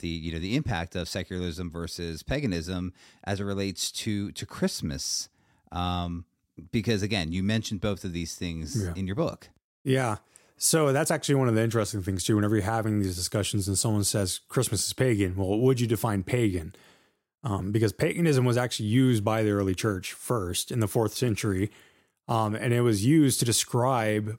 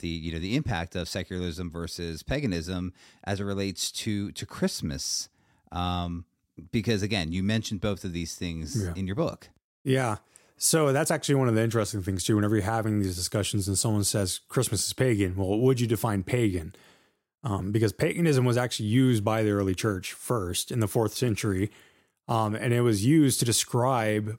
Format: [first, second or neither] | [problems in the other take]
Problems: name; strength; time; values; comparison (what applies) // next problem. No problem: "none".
neither | none